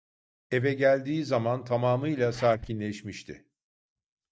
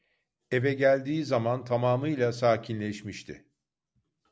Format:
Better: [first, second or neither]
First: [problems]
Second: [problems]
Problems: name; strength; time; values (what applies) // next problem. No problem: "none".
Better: second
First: noise reduction (neural mask model DeepFilterNet 3)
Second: none